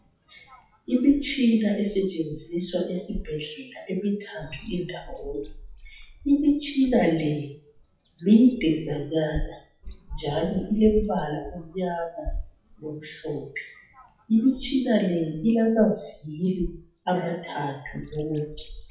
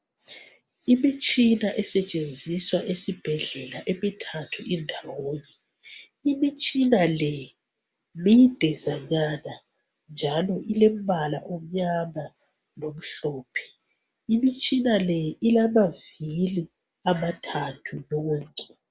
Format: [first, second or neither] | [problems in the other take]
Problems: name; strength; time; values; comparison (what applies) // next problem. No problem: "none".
second | noise reduction (classical method WPE with log-MMSE)